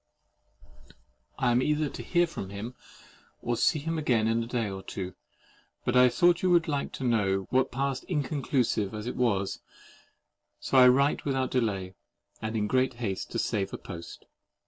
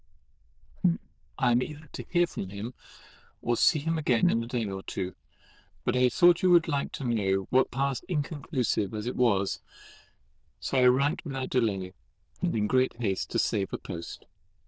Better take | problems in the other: first | noise reduction (neural diffusion model UNIVERSE++)

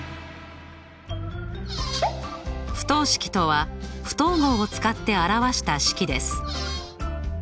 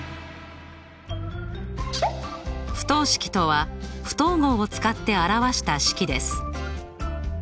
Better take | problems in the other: second | background sound (Squeak); 11 dB below the speech

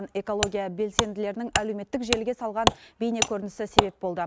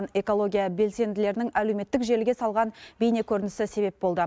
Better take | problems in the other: second | background sound (Wood); as loud as the speech

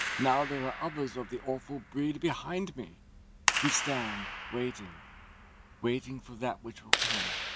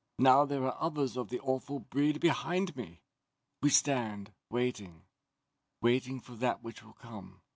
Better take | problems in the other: second | background sound (Clapping); 2 dB below the speech

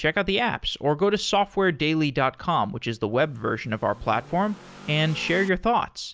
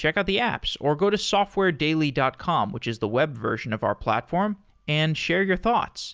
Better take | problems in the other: second | background sound (Accelerating, revving, vroom / Car); 19 dB below the speech

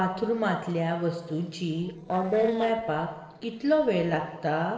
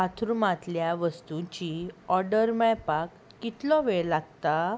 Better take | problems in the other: second | noise reduction (neural separator model SepFormer DNS4)

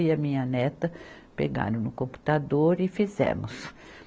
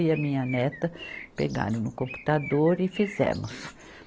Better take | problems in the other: first | background sound (Bird); 17 dB below the speech

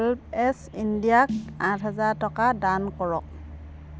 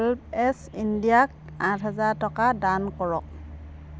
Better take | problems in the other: second | background sound (Snare drum); 13 dB below the speech

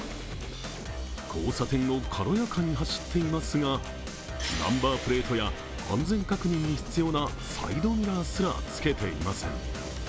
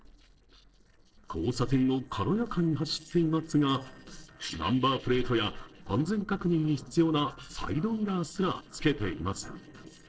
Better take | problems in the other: first | noise reduction (neural separator model SepFormer DNS4)

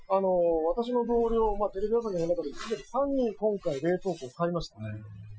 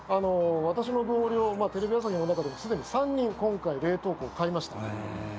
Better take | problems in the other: second | noise reduction (classical method Wiener filter)

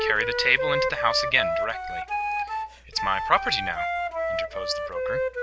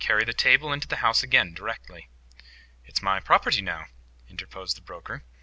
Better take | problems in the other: second | background sound (Wind instrument, woodwind instrument); as loud as the speech

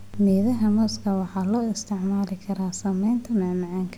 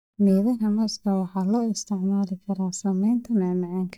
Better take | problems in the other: first | noise reduction (neural mask model DeepFilterNet 3)

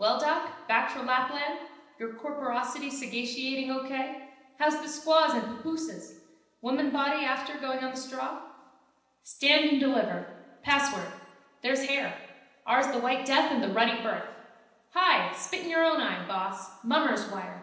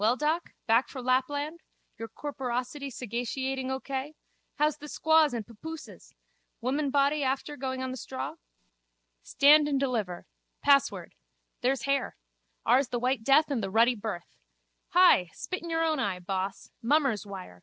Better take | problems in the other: second | room echo; dies away in 0.9 s

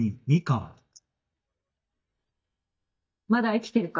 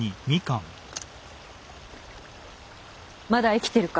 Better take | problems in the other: second | noise reduction (neural mask model DeepFilterNet 3)

